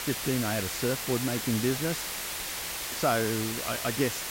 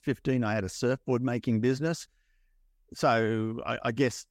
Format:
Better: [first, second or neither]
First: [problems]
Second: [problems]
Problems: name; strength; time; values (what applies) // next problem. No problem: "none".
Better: second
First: hiss; loud; throughout; 2 dB below the speech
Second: none